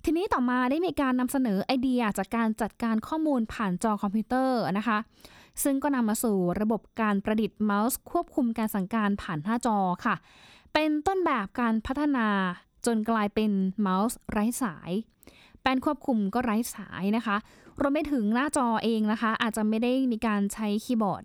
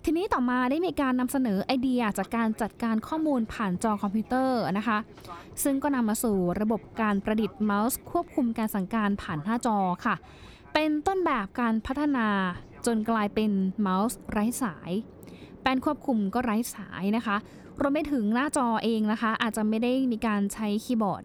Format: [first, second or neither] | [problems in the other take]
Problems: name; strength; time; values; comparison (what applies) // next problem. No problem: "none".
first | train or aircraft noise; faint; throughout; 20 dB below the speech